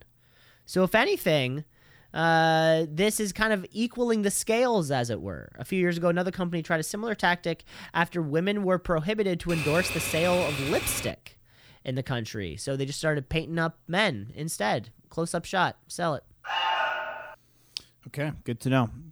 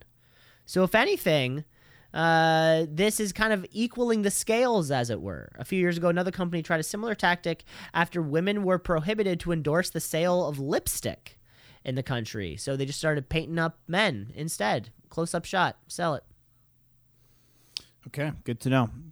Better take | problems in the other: second | keyboard typing; noticeable; from 9.5 to 11 s; peak 3 dB below the speech // alarm; loud; at 16 s; peak 1 dB above the speech

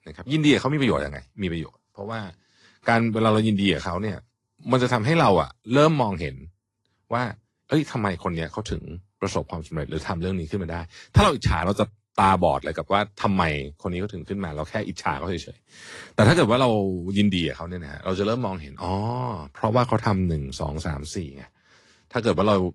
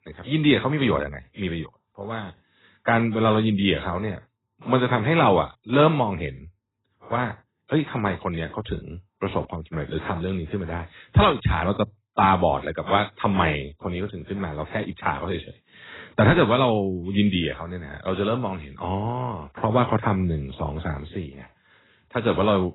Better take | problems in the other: first | garbled, watery; badly; nothing above 4 kHz; slightly in the first

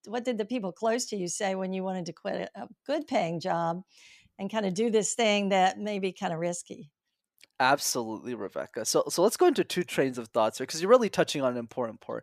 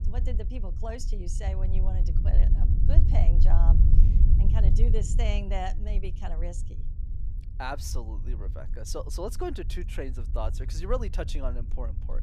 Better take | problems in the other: first | low rumble; loud; throughout; 8 dB below the speech

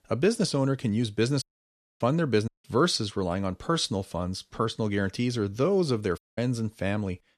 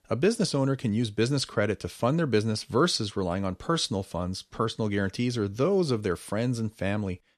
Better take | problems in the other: second | audio cutting out; at 1.5 s for 0.5 s, at 2.5 s and at 6 s

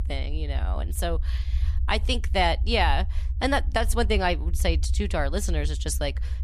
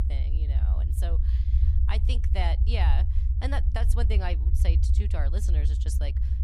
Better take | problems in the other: first | low rumble; loud; throughout; 6 dB below the speech; faint in the first

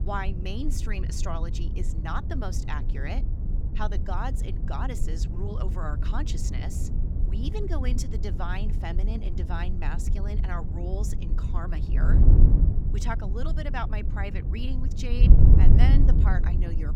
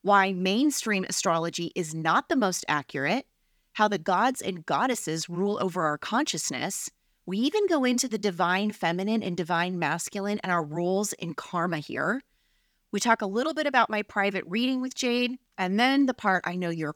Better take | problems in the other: second | wind noise on the microphone; heavy; 4 dB below the speech

